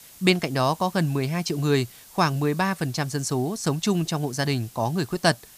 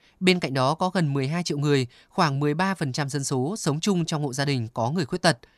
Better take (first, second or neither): second